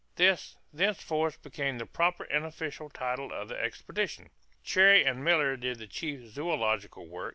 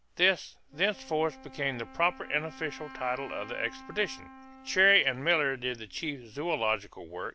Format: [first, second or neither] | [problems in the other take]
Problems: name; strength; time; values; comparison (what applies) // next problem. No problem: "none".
first | background sound (Wind instrument, woodwind instrument); 20 dB below the speech